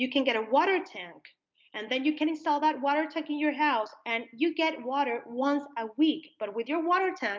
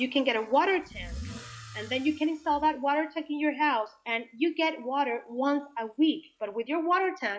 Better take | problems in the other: first | noise reduction (classical method log-MMSE)

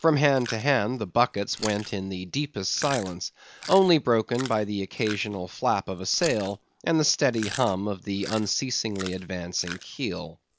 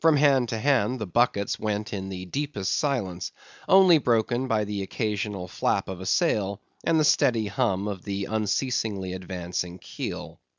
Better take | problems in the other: second | background sound (Chewing, mastication); 16 dB below the speech

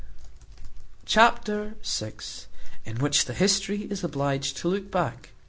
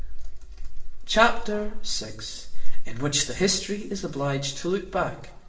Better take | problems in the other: first | room echo; dies away in 0.7 s

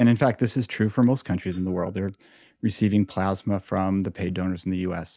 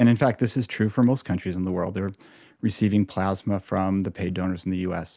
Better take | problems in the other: second | noise reduction (neural mask model DeepFilterNet 3)

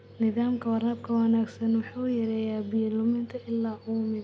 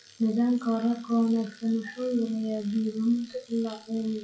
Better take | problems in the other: first | noise reduction (classical method WPE with log-MMSE)

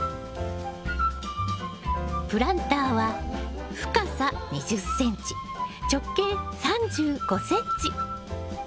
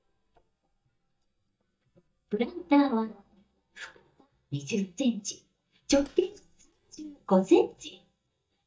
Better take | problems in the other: first | noise reduction (neural mask model DeepFilterNet 3)

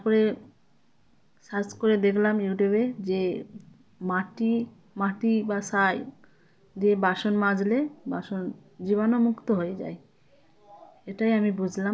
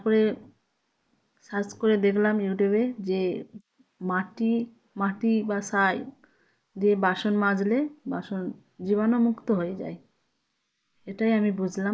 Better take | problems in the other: first | noise reduction (neural mask model Resemble Enhance denoiser)

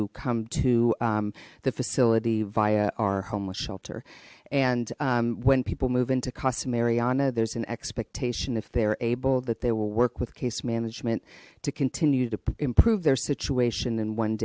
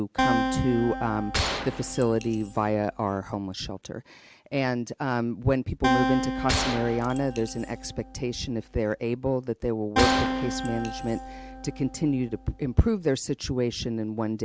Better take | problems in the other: first | background sound (Acoustic guitar + Gunshot, gunfire); 3 dB below the speech

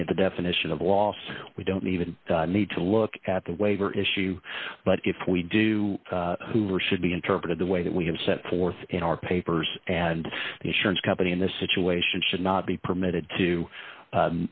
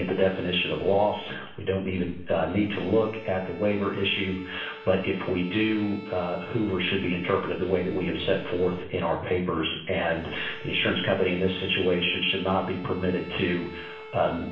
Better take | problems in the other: first | background sound (Bowed string instrument); 17 dB below the speech // room echo; dies away in 0.6 s

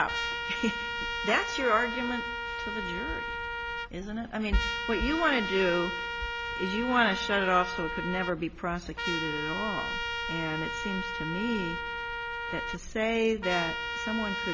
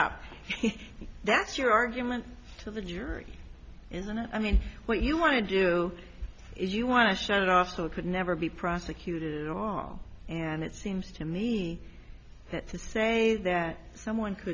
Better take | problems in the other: second | background sound (Trumpet); 3 dB below the speech

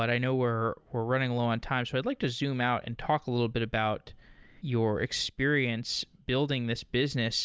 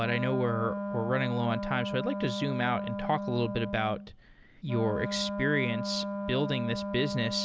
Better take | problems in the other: first | background sound (Wind instrument, woodwind instrument); 4 dB below the speech

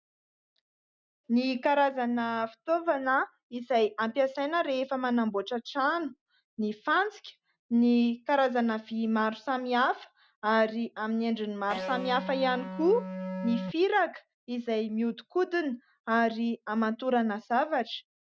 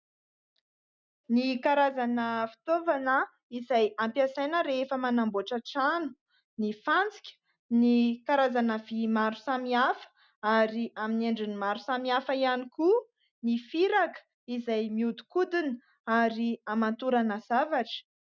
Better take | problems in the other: second | background sound (Electric guitar); 7 dB below the speech

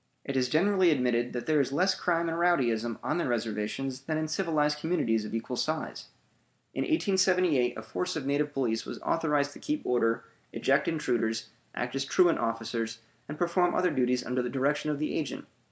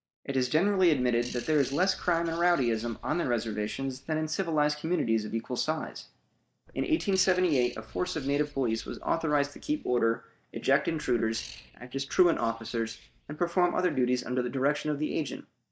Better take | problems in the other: first | noise reduction (neural mask model DeepFilterNet 3)

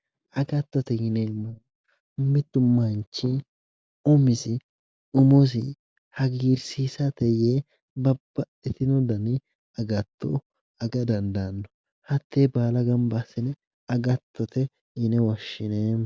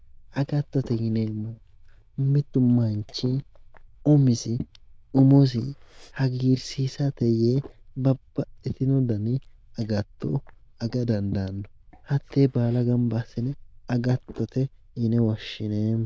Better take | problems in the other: first | noise reduction (neural diffusion model UNIVERSE++)

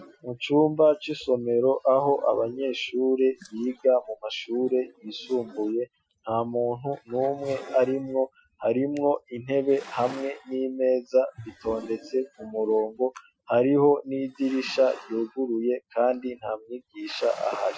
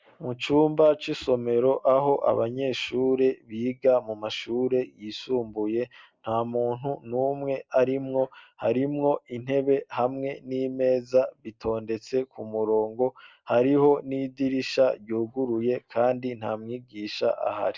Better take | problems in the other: second | noise reduction (classical method Wiener filter)

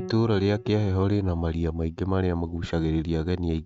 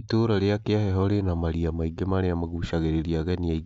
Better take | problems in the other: second | noise reduction (neural mask model RNNoise)

